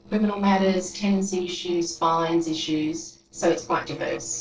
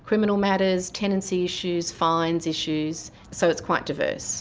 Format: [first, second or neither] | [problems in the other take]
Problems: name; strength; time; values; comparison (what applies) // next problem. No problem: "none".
second | noise reduction (neural separator model SepFormer DNS4)